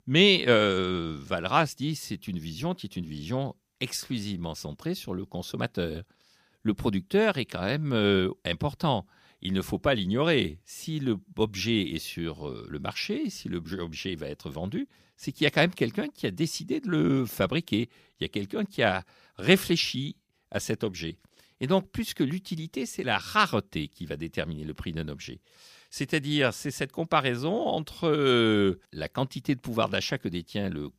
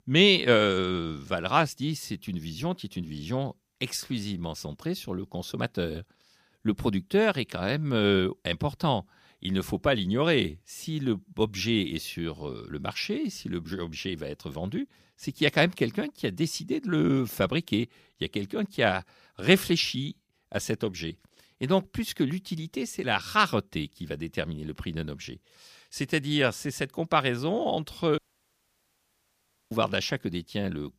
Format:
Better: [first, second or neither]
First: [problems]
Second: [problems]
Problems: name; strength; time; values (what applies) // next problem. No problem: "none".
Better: first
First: none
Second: audio cutting out; at 28 s for 1.5 s